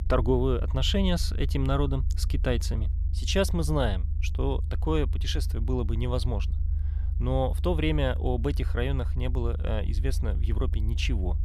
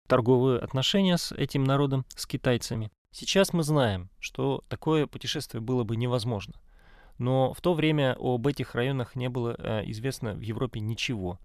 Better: second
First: low rumble; noticeable; throughout; 15 dB below the speech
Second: none

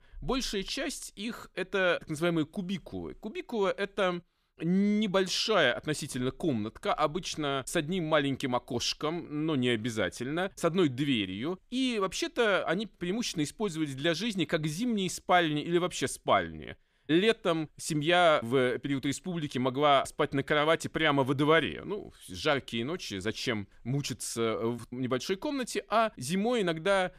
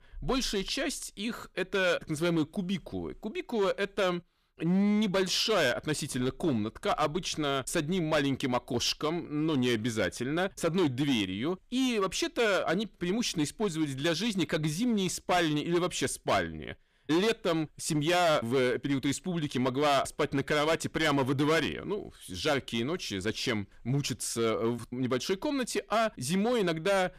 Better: first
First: none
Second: distortion; slight; 8% of the sound clipped

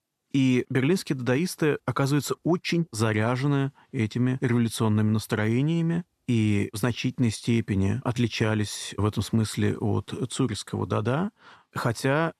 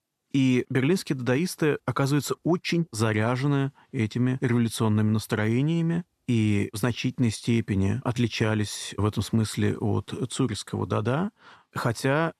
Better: neither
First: none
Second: none

